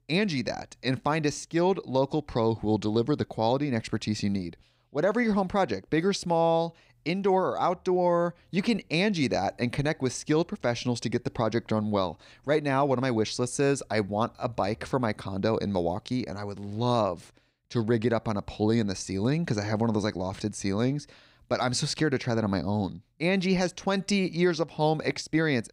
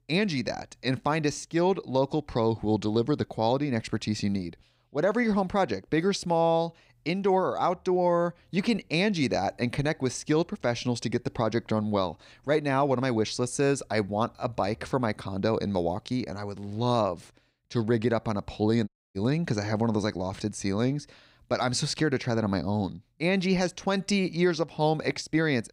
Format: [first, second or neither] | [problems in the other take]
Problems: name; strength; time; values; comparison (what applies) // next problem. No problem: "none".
first | audio cutting out; at 19 s